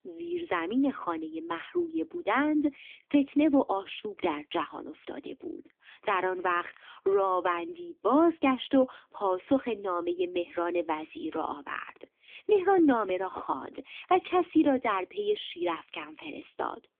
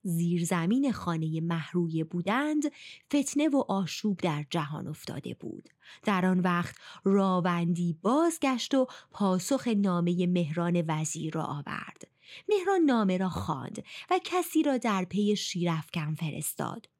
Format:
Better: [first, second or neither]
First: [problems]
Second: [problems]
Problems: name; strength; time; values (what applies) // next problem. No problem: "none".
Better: second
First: phone-call audio; poor line; nothing above 3.5 kHz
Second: none